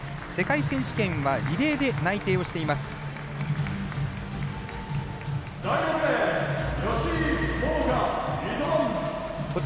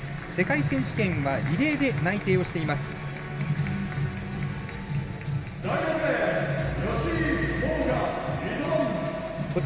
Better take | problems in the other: first | background sound (Musical instrument); 19 dB below the speech // room echo; dies away in 0.9 s

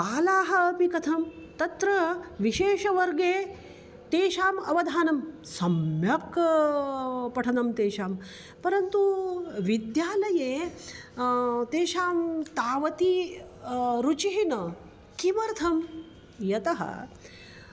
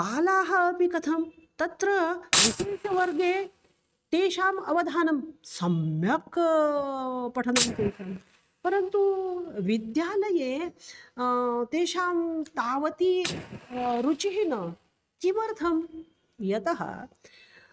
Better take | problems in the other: first | noise reduction (neural mask model RNNoise)

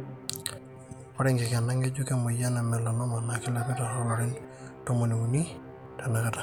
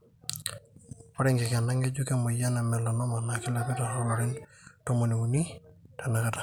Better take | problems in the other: second | background sound (Musical instrument); 16 dB below the speech

